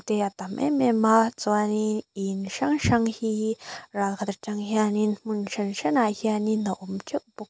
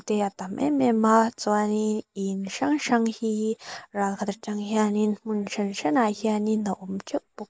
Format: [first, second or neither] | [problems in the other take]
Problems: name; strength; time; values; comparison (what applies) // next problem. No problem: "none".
first | noise reduction (neural mask model Resemble Enhance denoiser)